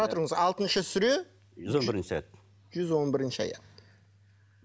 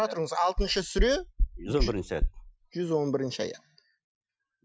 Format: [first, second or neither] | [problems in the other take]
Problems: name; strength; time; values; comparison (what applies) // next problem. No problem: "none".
first | noise reduction (classical method Wiener filter)